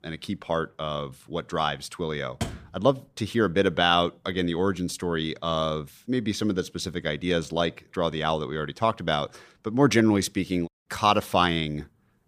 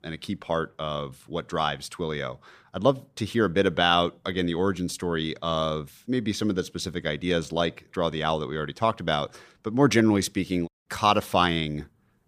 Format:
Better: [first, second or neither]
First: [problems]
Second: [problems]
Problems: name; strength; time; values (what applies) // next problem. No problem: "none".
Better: second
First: door banging; noticeable; at 2.5 s; peak 8 dB below the speech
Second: none